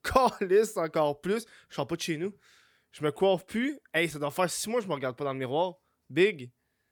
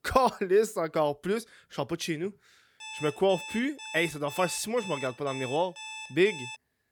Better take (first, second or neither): first